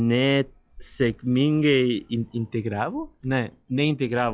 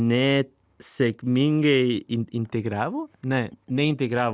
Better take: second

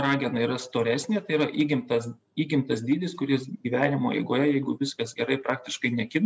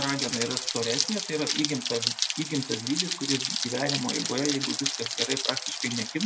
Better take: first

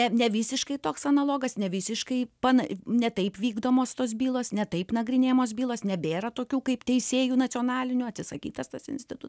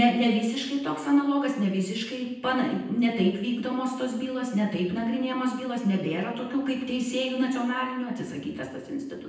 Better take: first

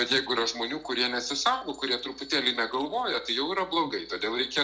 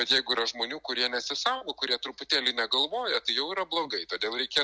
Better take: second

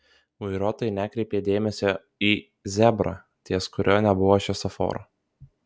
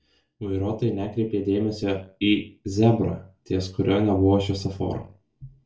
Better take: first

